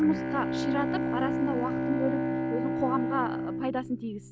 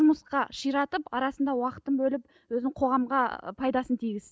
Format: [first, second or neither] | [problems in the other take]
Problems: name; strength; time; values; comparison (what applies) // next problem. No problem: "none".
second | background sound (Bowed string instrument); 1 dB above the speech